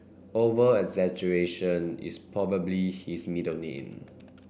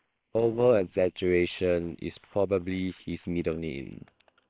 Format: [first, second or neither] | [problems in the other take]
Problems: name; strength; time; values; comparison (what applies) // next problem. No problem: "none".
first | noise reduction (neural separator model SepFormer WHAM!)